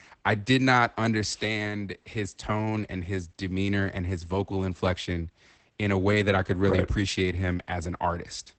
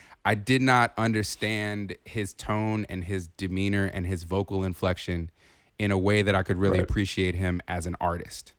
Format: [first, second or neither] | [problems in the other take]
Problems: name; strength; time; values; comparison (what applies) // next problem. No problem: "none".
second | garbled, watery; badly; nothing above 8 kHz; slightly in the second